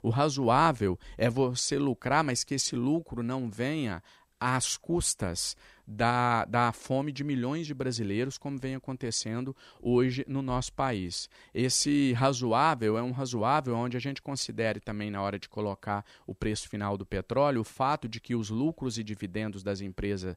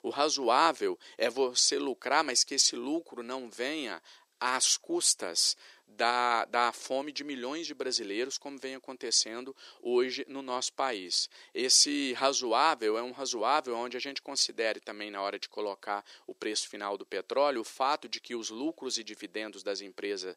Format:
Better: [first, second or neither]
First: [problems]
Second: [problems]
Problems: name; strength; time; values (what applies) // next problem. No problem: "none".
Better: first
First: none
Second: thin; somewhat; fading below 350 Hz